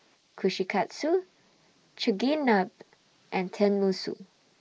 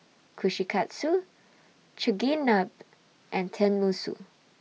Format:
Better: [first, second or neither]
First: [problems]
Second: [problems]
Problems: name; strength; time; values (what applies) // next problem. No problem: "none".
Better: second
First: noise reduction (neural mask model Resemble Enhance denoiser)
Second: none